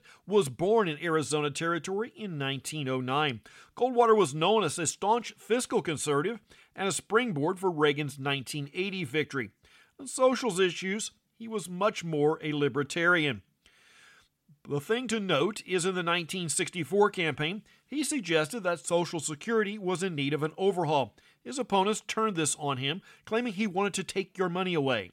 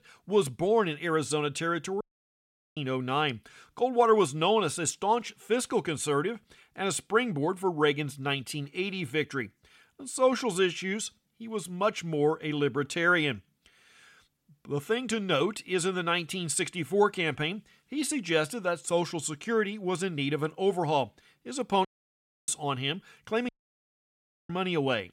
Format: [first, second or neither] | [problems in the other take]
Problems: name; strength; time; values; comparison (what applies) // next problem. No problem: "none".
first | audio cutting out; at 2 s for 1 s, at 22 s for 0.5 s and at 23 s for 1 s